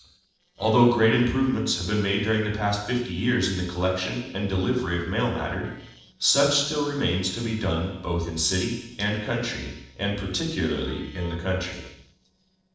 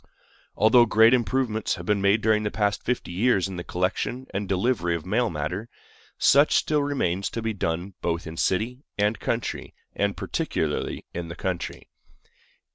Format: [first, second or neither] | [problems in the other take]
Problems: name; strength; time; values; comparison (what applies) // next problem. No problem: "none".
second | noise reduction (neural separator model SepFormer DNS4)